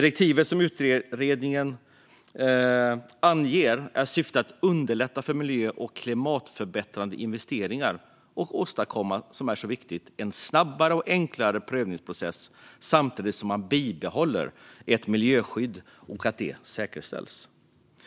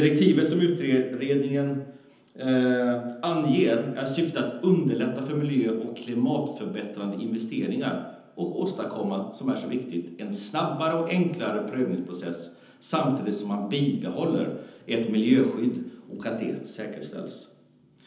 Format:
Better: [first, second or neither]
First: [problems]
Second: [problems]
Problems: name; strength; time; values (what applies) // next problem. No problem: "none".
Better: first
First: none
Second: room echo; dies away in 0.9 s